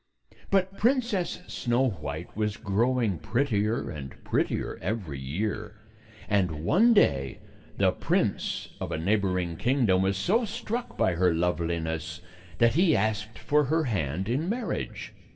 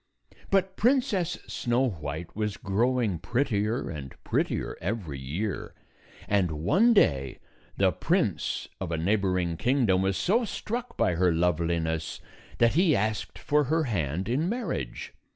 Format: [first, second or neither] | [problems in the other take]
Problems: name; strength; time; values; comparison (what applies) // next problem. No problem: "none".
second | room echo; dies away in 2.7 s